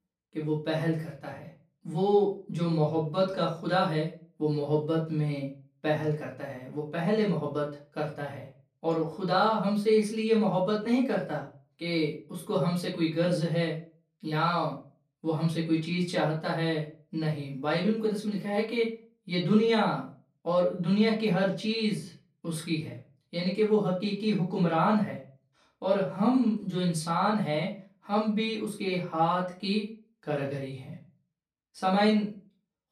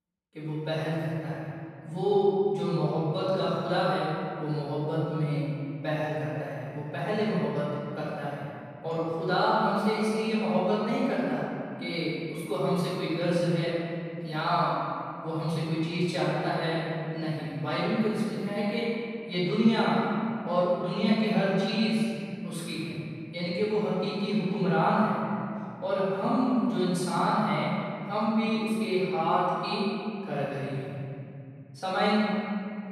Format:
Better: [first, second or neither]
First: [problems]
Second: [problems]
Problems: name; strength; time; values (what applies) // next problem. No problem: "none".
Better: first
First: room echo; slight; dies away in 0.3 s // off-mic speech; far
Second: room echo; strong; dies away in 2.5 s // off-mic speech; far